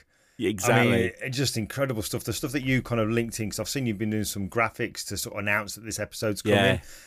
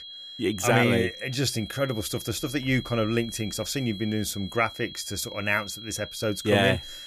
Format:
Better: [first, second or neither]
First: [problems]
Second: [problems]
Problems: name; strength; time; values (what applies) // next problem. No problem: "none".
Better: first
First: none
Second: high-pitched whine; noticeable; throughout; 3.5 kHz, 15 dB below the speech